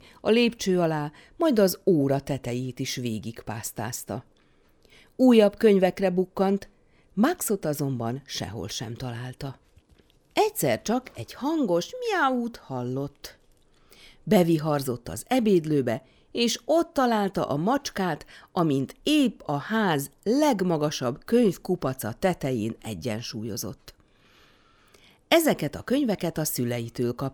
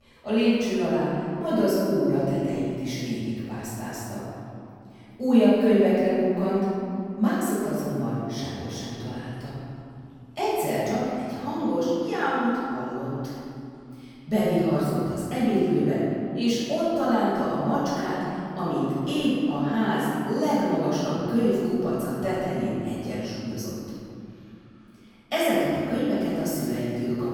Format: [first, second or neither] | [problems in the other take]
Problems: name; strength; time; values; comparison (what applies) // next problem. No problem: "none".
first | room echo; strong; dies away in 2.6 s // off-mic speech; far